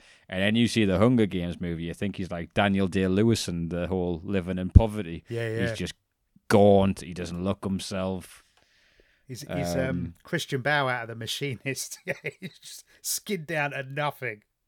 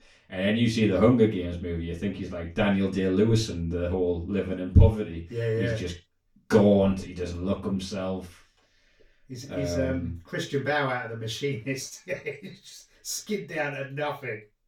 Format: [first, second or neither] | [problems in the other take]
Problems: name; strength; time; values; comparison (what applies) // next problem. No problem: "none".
first | room echo; slight; dies away in 0.2 s // off-mic speech; far